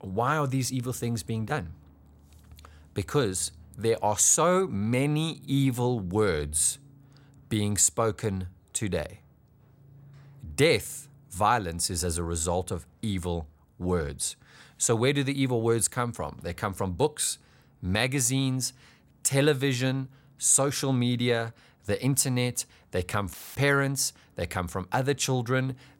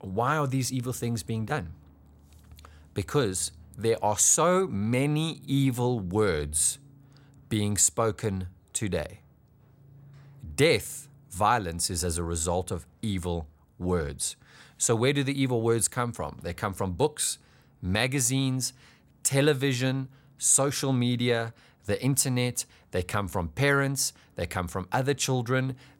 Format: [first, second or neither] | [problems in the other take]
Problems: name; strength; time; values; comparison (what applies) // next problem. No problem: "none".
second | audio cutting out; filled with static; at 23 s